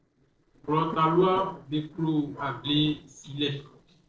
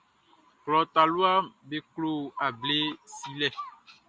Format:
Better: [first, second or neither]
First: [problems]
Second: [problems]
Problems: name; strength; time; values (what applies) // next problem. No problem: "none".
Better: second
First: noise reduction (neural separator model SepFormer DNS4)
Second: none